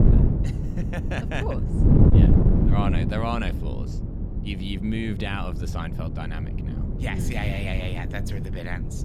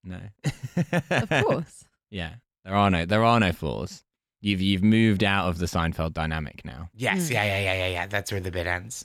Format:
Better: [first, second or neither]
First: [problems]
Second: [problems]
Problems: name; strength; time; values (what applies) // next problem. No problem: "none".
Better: second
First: wind noise on the microphone; heavy; 2 dB below the speech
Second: none